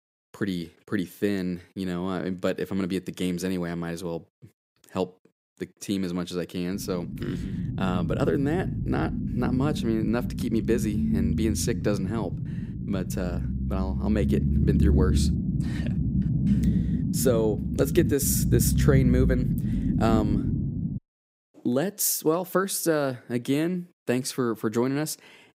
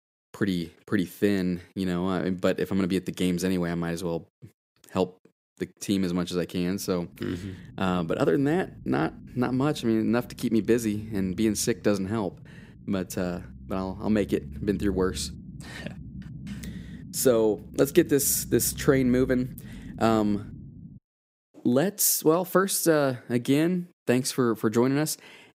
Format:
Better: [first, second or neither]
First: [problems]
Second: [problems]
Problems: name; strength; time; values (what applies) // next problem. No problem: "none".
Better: second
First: low rumble; loud; from 6.5 to 21 s; 6 dB below the speech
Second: low rumble; faint; from 6.5 to 21 s; 25 dB below the speech